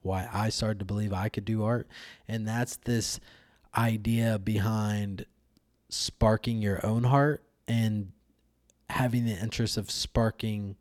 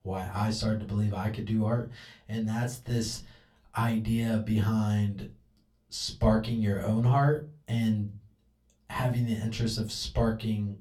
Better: first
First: none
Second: off-mic speech; far // room echo; very slight; dies away in 0.2 s

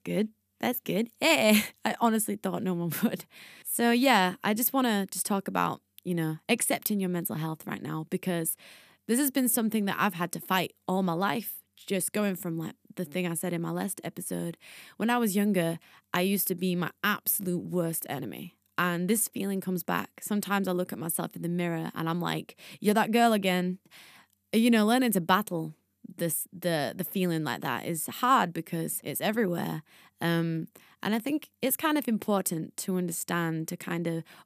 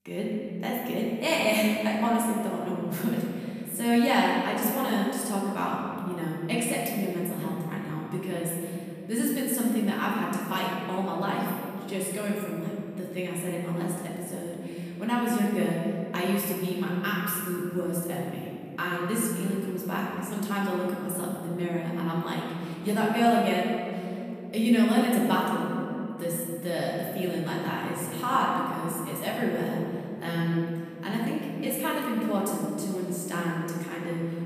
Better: first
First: none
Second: off-mic speech; far // room echo; noticeable; dies away in 2.6 s

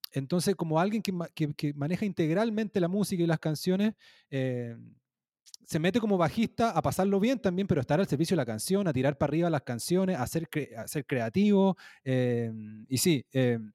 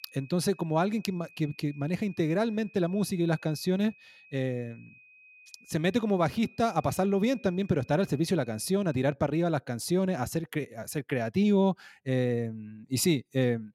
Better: first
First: none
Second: high-pitched whine; faint; until 9 s; 2.5 kHz, 25 dB below the speech

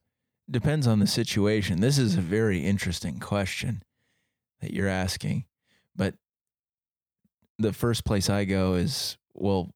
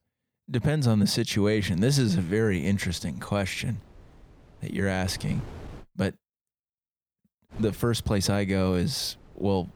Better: first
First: none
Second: wind noise on the microphone; occasional gusts; from 1.5 to 6 s and from 7.5 s on; 25 dB below the speech

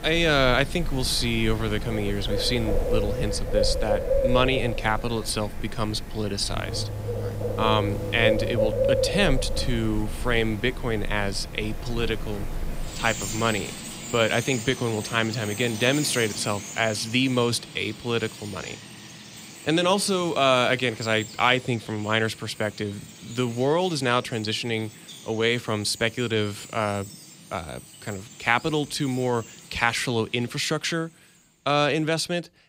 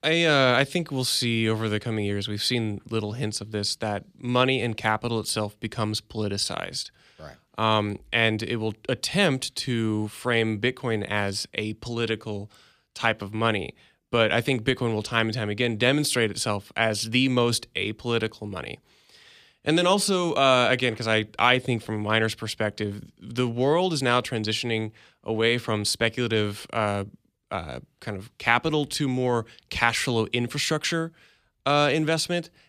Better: second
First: animal sounds; loud; throughout; 7 dB below the speech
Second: none

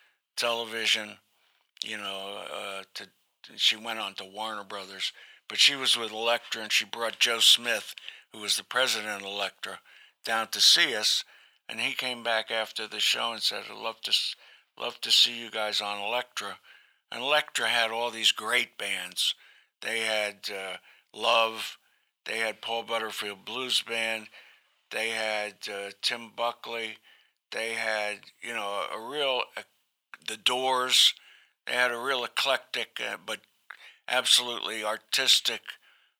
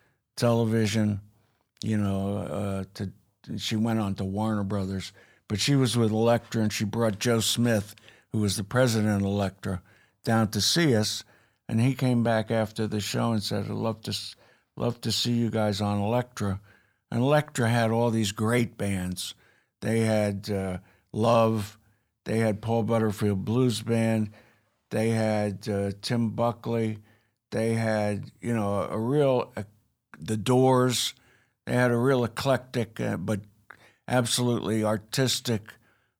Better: second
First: thin; very; fading below 800 Hz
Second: none

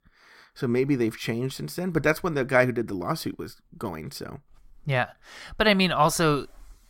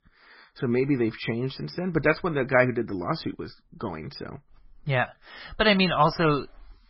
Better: first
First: none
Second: garbled, watery; badly; nothing above 5.5 kHz

